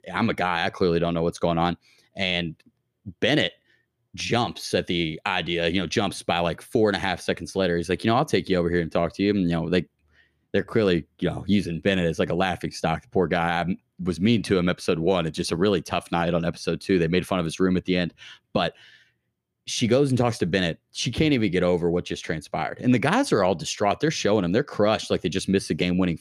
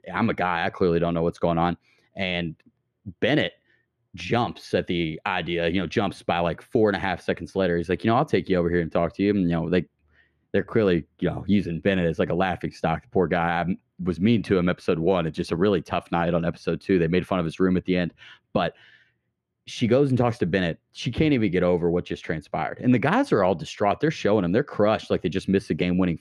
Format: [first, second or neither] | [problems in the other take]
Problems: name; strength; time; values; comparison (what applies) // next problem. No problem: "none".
first | muffled; slightly; fading above 3.5 kHz